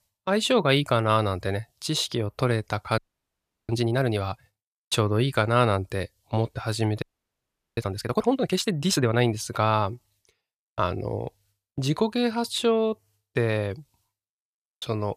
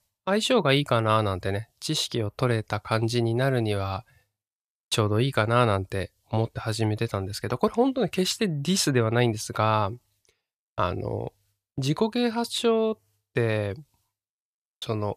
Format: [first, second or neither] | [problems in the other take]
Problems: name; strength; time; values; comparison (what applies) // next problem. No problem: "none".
second | audio freezing; at 3 s for 0.5 s and at 7 s for 1 s